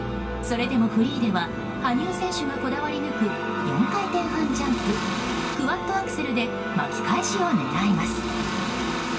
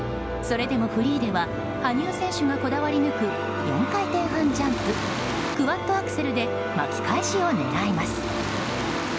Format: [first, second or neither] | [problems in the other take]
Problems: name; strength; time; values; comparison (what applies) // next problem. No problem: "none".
second | room echo; dies away in 0.2 s